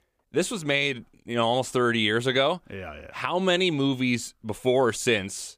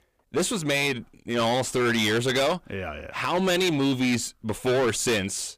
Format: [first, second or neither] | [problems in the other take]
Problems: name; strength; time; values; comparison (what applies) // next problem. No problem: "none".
first | distortion; heavy; 17% of the sound clipped